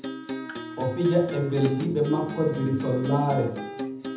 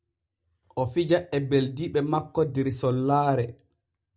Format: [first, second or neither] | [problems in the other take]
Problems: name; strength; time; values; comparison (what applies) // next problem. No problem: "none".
second | background sound (Acoustic guitar); 9 dB below the speech // room echo; dies away in 0.8 s